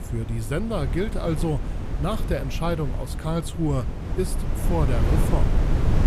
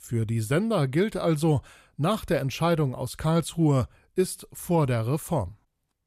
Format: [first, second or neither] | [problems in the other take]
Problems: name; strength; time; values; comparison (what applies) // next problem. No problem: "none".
second | wind noise on the microphone; heavy; 6 dB below the speech